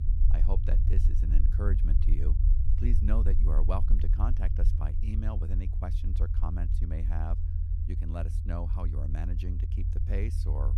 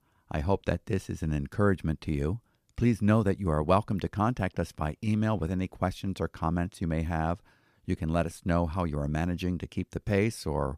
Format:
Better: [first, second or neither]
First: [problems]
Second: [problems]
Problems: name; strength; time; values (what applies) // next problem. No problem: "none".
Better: second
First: low rumble; loud; throughout; 5 dB below the speech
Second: none